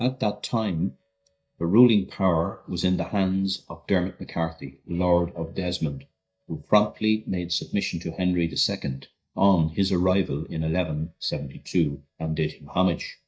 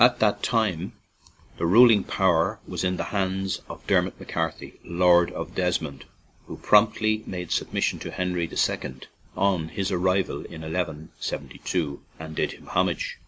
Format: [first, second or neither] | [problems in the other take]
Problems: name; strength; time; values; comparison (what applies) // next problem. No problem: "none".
second | noise reduction (neural mask model DeepFilterNet 3)